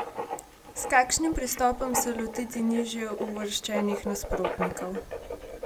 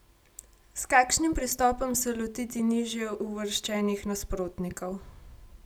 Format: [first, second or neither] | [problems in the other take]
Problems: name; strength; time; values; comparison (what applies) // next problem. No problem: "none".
second | background sound (Writing); 7 dB below the speech